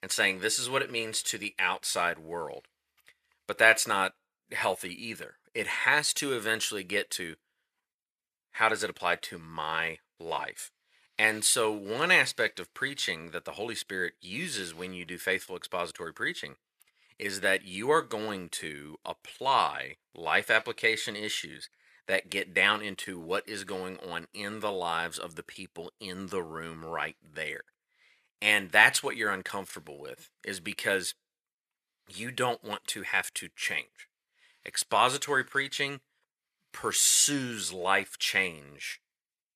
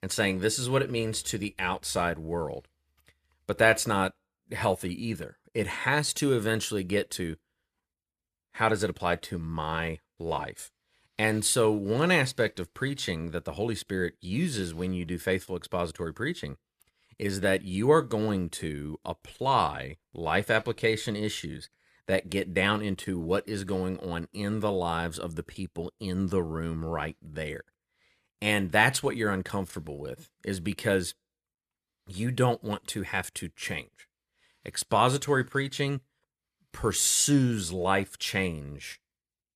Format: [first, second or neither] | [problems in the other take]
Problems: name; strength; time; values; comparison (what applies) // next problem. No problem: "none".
second | thin; somewhat; fading below 850 Hz